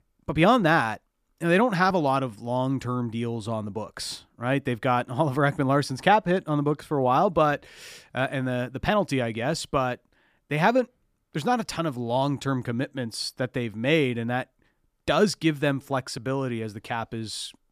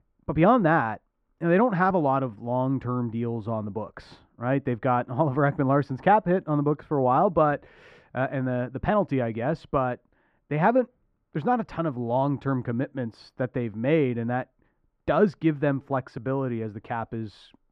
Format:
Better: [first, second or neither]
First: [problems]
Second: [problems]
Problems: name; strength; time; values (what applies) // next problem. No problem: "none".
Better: first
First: none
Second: muffled; very; fading above 4 kHz